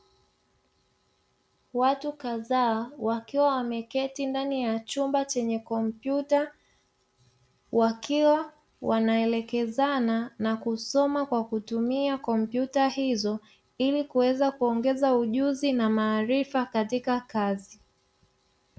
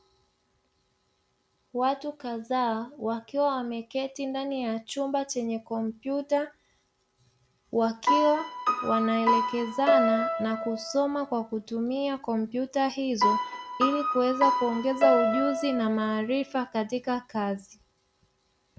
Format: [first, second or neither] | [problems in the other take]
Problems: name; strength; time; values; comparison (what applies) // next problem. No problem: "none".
first | background sound (Piano); 2 dB above the speech